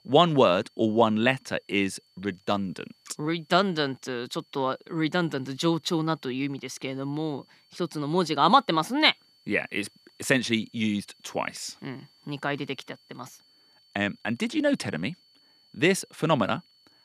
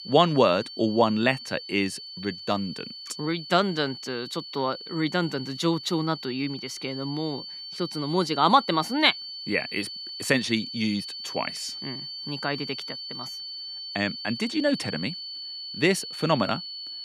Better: first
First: high-pitched whine; faint; throughout; 4.5 kHz, 35 dB below the speech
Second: high-pitched whine; loud; throughout; 4.5 kHz, 9 dB below the speech

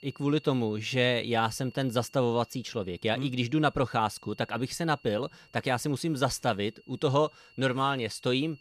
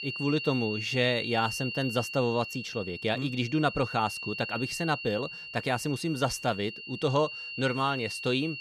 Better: first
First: high-pitched whine; faint; throughout; 3 kHz, 25 dB below the speech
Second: high-pitched whine; loud; throughout; 3 kHz, 7 dB below the speech

